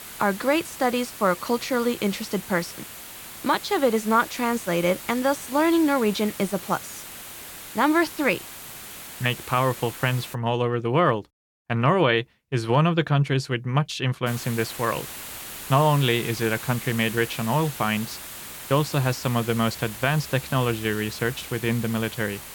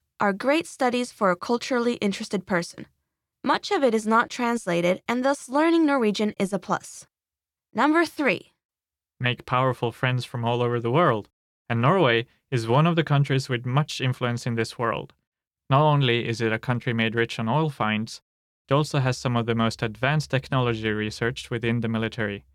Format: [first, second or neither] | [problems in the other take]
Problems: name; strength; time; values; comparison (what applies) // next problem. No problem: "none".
second | hiss; noticeable; until 10 s and from 14 s on; 10 dB below the speech